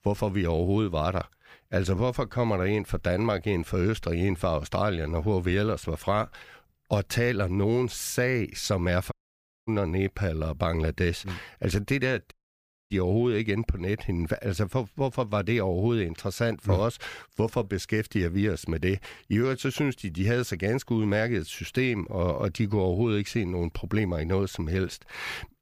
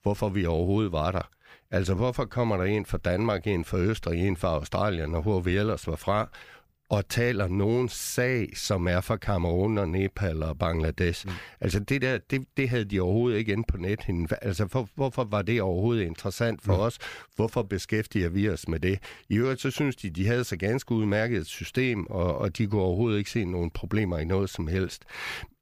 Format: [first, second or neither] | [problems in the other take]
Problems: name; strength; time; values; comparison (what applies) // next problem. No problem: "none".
second | audio cutting out; at 9 s for 0.5 s and at 12 s for 0.5 s